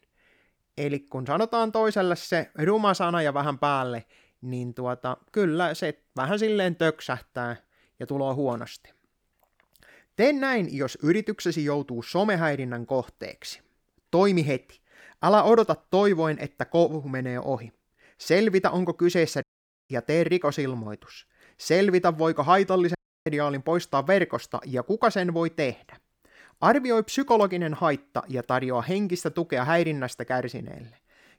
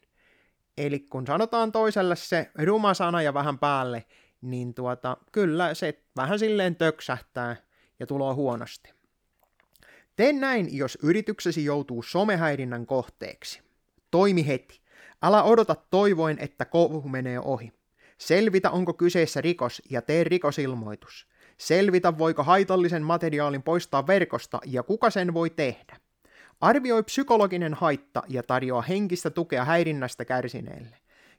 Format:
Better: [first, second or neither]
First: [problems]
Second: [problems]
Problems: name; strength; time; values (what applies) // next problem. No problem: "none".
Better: second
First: audio cutting out; at 19 s and at 23 s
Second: none